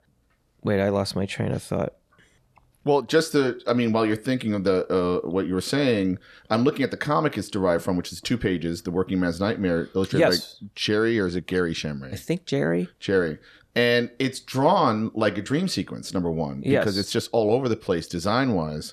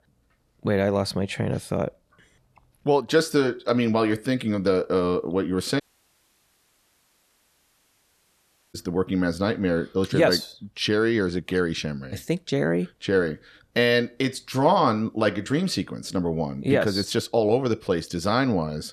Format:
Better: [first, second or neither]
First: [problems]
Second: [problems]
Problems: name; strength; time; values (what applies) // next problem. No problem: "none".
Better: first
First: none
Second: audio cutting out; at 6 s for 3 s